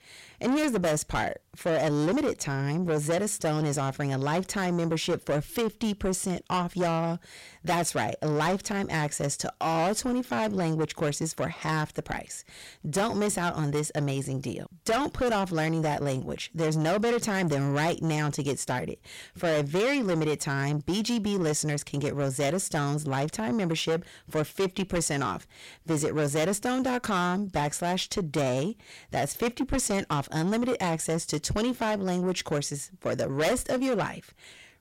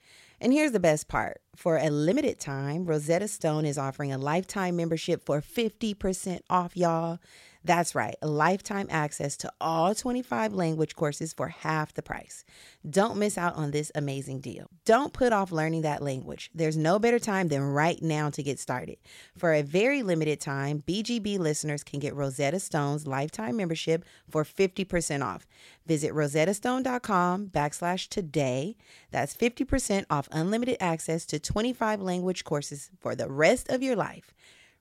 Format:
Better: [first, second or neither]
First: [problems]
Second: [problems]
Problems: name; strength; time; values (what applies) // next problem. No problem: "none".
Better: second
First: distortion; heavy; 7 dB below the speech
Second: none